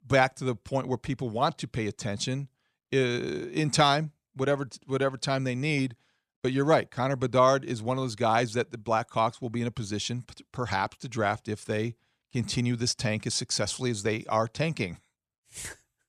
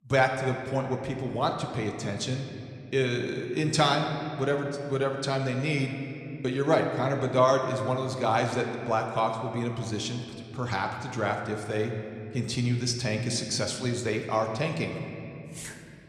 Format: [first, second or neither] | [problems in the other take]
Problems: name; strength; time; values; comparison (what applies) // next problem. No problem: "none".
first | room echo; slight; dies away in 2.3 s